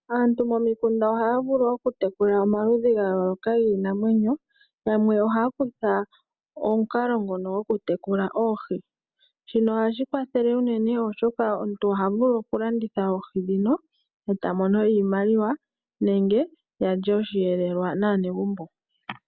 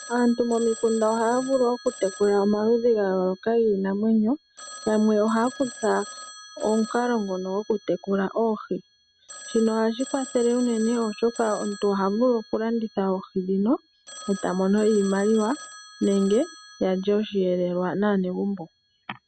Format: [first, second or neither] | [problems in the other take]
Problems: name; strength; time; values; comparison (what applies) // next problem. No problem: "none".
first | background sound (Telephone); 18 dB below the speech